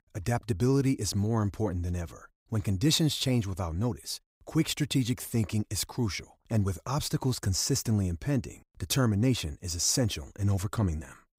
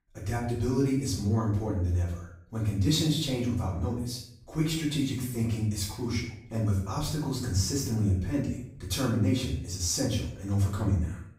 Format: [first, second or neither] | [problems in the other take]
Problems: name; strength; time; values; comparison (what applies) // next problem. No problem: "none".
first | off-mic speech; far // room echo; noticeable; dies away in 0.5 s